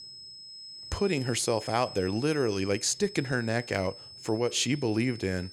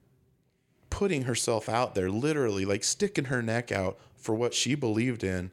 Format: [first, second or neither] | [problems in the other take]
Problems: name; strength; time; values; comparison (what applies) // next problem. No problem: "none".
second | high-pitched whine; noticeable; throughout; 5 kHz, 15 dB below the speech